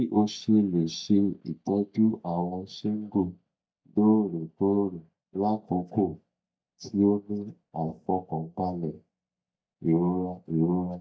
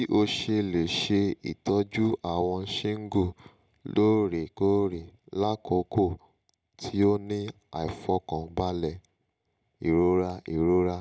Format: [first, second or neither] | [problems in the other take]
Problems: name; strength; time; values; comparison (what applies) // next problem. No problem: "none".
second | noise reduction (neural mask model DeepFilterNet 3)